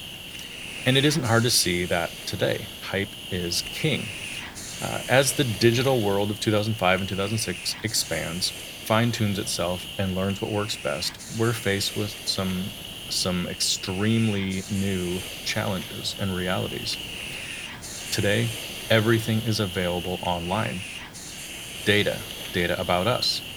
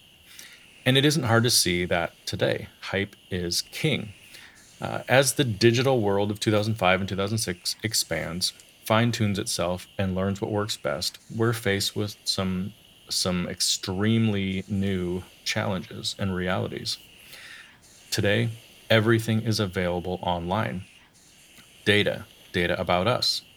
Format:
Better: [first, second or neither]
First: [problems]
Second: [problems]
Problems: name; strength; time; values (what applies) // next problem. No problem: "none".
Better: second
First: hiss; loud; throughout; 9 dB below the speech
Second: hiss; faint; throughout; 25 dB below the speech